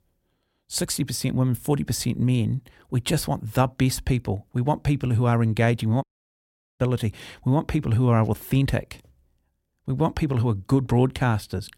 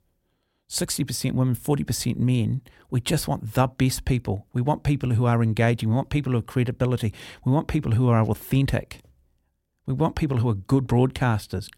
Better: second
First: audio cutting out; at 6 s for 0.5 s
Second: none

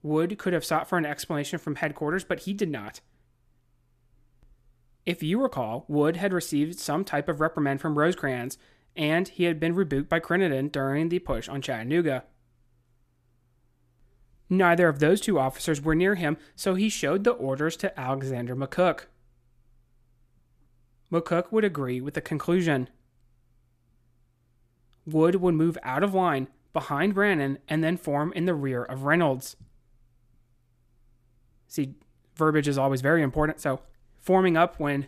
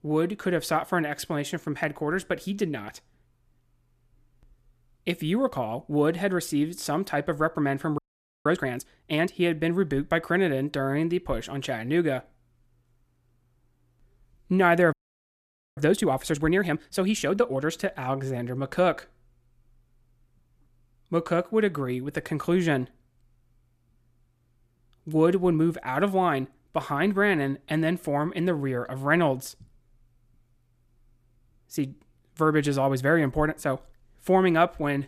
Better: first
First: none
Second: audio freezing; at 8 s and at 15 s for 1 s

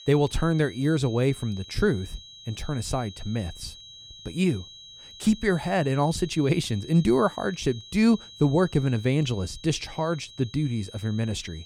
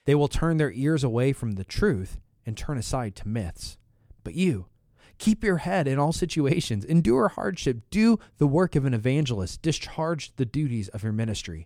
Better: second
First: high-pitched whine; noticeable; throughout; 4 kHz, 20 dB below the speech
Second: none

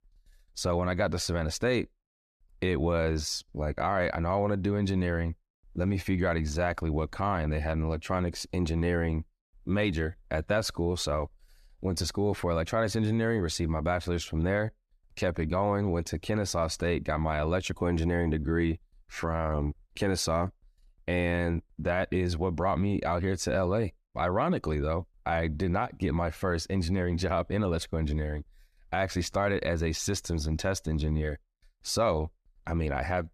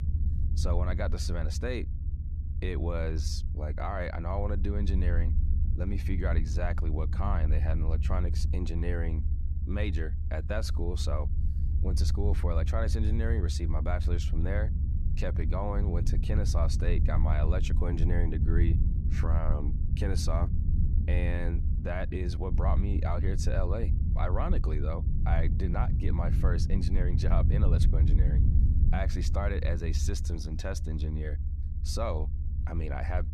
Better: first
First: none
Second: low rumble; loud; throughout; 8 dB below the speech

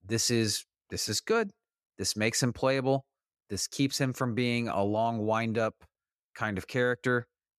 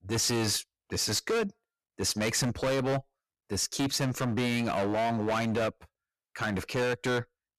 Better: first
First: none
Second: distortion; heavy; 19% of the sound clipped

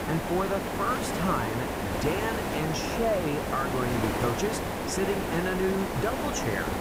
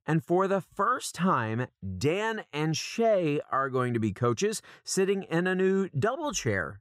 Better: second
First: hiss; loud; throughout; as loud as the speech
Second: none

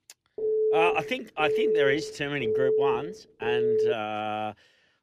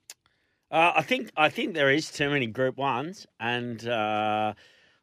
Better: second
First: phone ringing; loud; until 4 s; peak 6 dB above the speech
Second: none

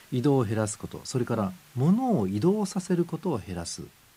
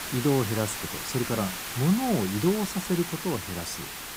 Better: first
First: hiss; faint; throughout; 25 dB below the speech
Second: hiss; loud; throughout; 5 dB below the speech

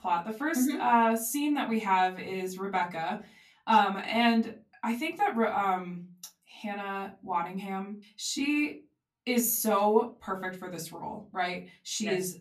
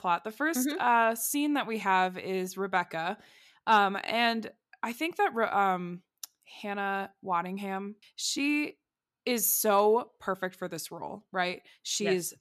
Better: second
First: off-mic speech; far // room echo; very slight; dies away in 0.2 s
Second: none

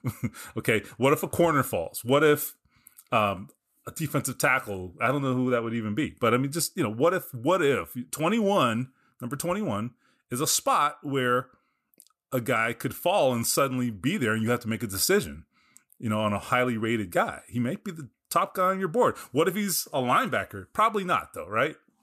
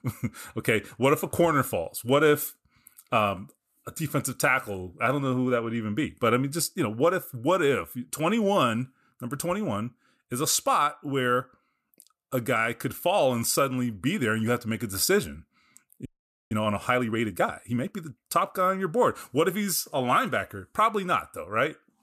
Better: first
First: none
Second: audio freezing; at 16 s

